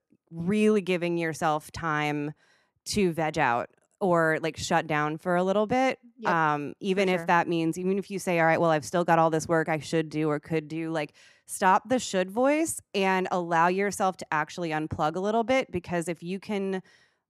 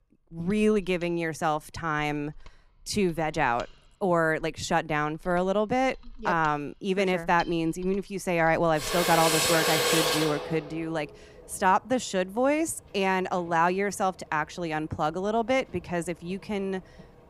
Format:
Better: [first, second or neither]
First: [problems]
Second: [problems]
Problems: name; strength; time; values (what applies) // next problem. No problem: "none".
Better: first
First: none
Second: machinery noise; very loud; throughout; 1 dB above the speech